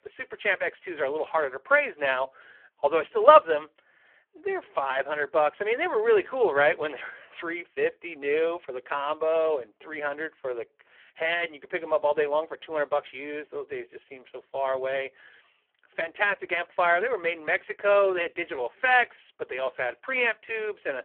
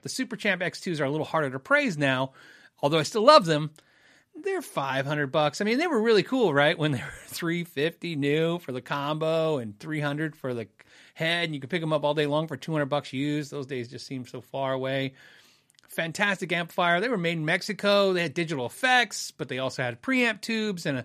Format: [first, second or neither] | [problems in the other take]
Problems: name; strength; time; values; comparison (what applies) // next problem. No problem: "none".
second | phone-call audio; poor line